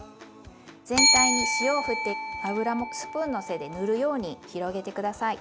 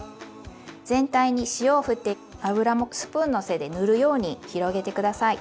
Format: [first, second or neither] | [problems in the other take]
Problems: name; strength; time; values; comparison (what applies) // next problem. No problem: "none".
second | background sound (Bell); 2 dB above the speech